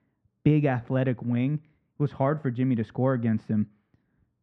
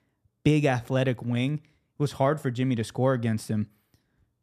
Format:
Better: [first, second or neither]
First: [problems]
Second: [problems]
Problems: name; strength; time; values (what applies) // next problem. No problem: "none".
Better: second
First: muffled; very; fading above 2 kHz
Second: none